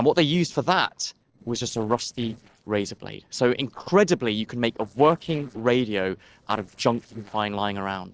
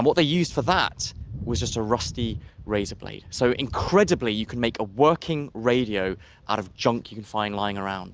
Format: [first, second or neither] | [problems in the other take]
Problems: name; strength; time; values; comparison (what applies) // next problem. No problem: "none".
second | noise reduction (neural separator model SepFormer DNS4)